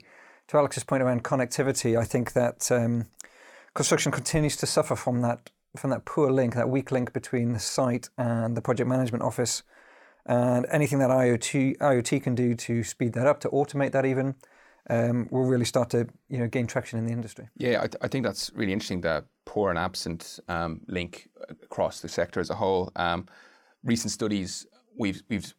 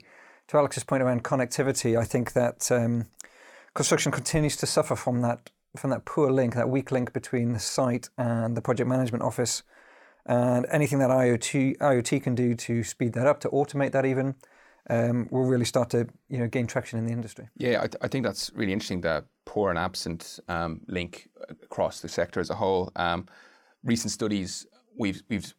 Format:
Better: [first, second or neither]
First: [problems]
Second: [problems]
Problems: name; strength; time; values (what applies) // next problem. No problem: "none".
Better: neither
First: none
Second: none